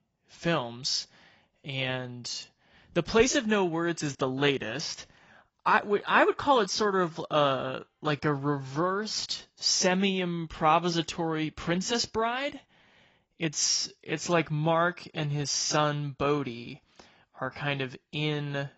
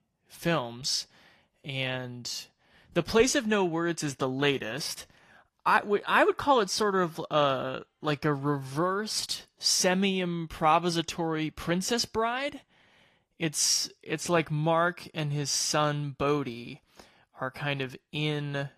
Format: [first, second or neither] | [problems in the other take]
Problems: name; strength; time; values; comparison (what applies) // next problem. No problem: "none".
second | garbled, watery; badly; nothing above 7.5 kHz; slightly in the second